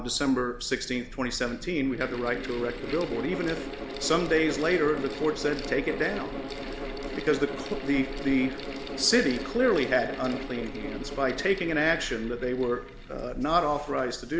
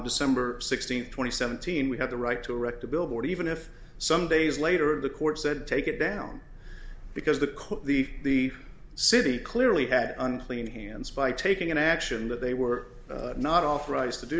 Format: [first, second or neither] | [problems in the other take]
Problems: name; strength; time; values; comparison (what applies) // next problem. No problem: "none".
second | background sound (Mechanical fan); 10 dB below the speech